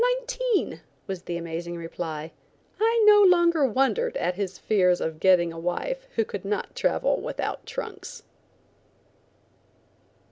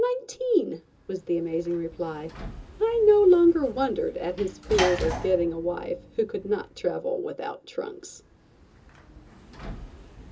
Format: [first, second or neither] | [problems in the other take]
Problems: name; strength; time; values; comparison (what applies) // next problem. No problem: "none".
first | background sound (Sliding door / Slam); 13 dB below the speech // room echo; dies away in 0.2 s